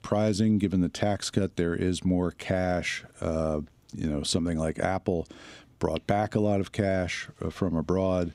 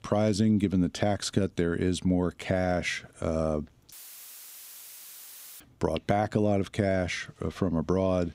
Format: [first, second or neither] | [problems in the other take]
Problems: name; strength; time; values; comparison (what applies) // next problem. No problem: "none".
first | audio cutting out; filled with static; at 4 s for 1.5 s